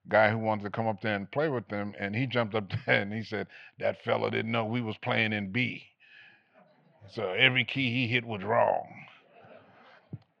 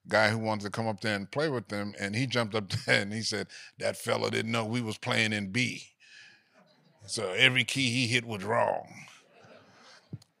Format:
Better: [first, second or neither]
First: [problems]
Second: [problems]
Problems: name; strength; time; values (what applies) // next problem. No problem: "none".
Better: second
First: muffled; very; fading above 3 kHz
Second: none